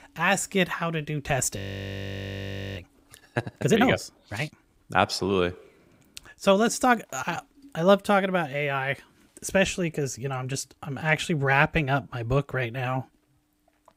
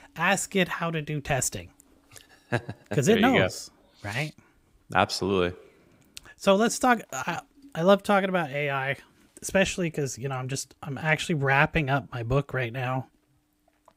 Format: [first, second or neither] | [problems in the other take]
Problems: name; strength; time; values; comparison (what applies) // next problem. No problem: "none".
second | audio freezing; at 1.5 s for 1 s